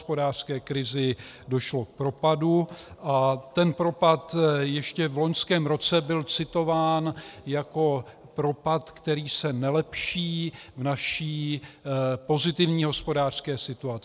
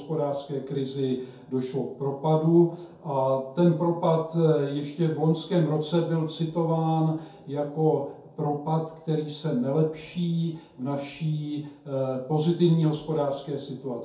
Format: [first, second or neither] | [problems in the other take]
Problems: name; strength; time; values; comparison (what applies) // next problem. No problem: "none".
first | room echo; dies away in 0.6 s